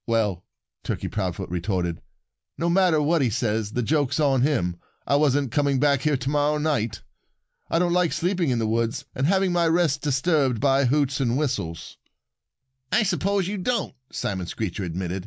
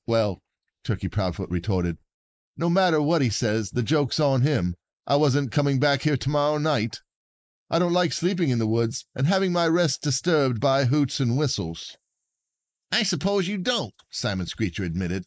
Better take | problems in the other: first | noise reduction (neural mask model Resemble Enhance denoiser)

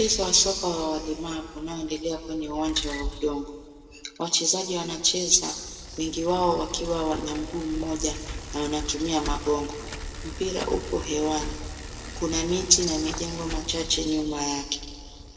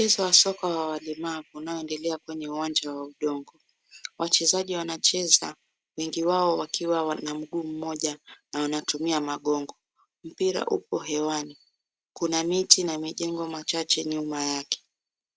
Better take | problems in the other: second | background sound (Bicycle); 10 dB below the speech // room echo; dies away in 2 s

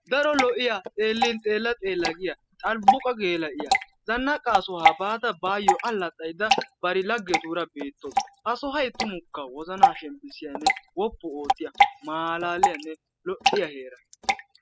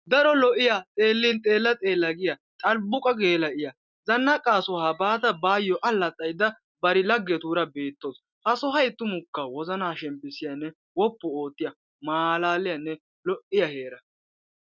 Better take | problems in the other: second | noise reduction (classical method spectral subtraction)

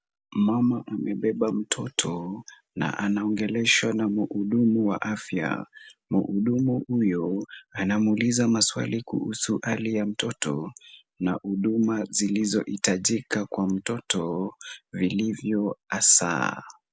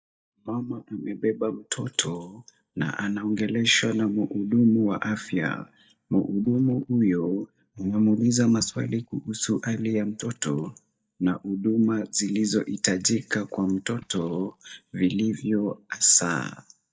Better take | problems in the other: first | noise reduction (neural mask model DeepFilterNet 3)

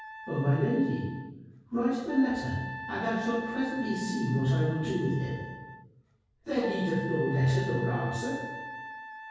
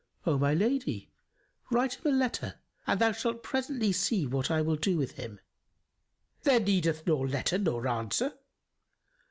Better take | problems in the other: second | background sound (Wind instrument, woodwind instrument); 12 dB below the speech // room echo; dies away in 1.3 s

